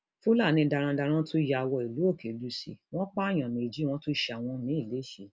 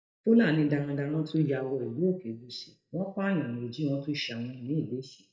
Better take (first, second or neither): first